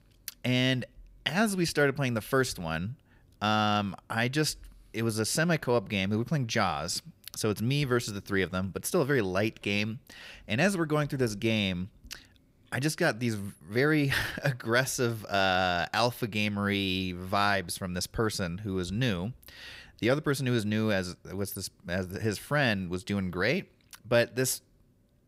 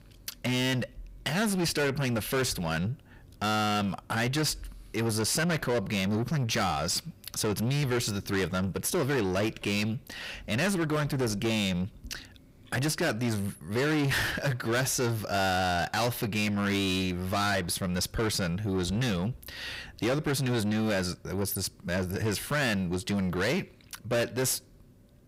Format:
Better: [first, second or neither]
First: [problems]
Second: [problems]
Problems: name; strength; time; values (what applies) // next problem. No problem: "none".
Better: first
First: none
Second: distortion; heavy; 6 dB below the speech